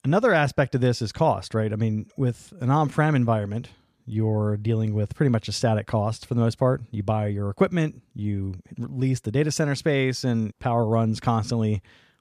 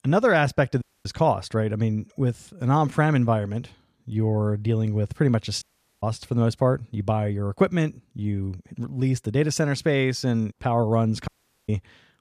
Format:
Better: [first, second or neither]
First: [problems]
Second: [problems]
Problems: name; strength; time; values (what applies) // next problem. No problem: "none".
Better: first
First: none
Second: audio cutting out; at 1 s, at 5.5 s and at 11 s